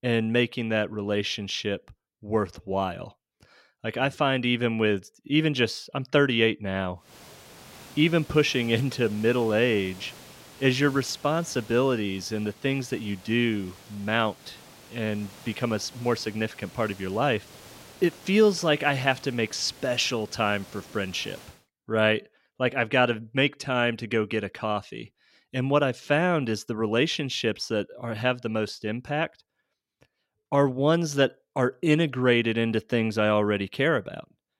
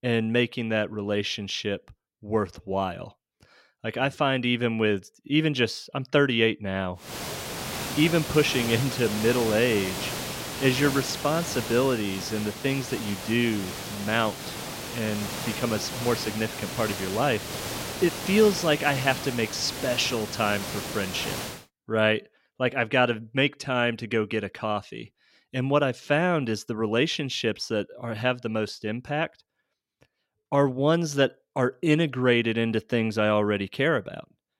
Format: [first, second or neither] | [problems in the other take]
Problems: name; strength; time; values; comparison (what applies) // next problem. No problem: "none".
first | hiss; loud; from 7 to 22 s; 7 dB below the speech; faint in the first